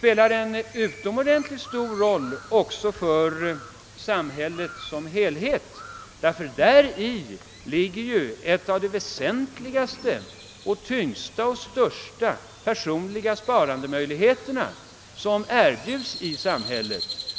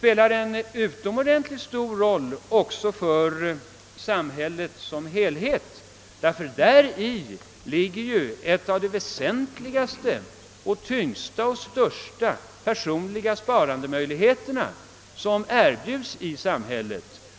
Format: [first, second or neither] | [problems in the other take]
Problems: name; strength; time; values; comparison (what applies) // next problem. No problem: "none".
second | background sound (Crow); 18 dB below the speech